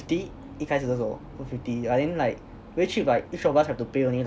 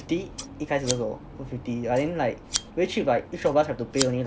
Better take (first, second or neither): first